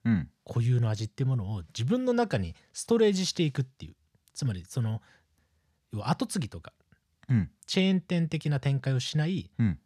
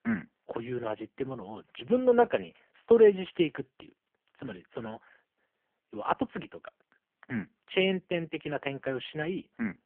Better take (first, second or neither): first